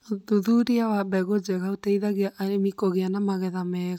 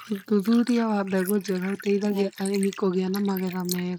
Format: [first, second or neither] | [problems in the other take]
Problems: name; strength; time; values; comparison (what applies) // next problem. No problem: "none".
first | noise reduction (neural mask model Resemble Enhance denoiser)